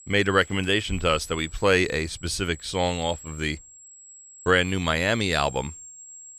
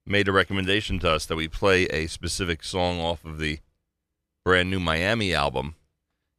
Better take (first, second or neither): second